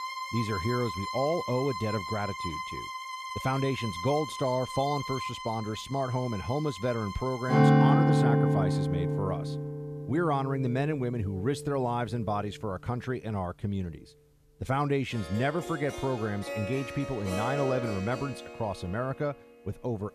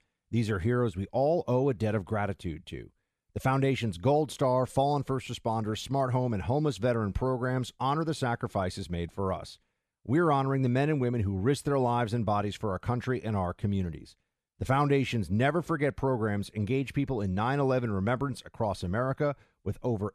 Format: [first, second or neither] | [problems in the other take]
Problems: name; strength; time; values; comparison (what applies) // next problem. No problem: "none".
second | background music; very loud; throughout; as loud as the speech